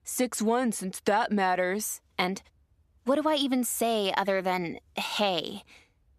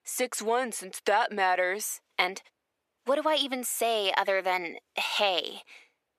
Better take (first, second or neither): first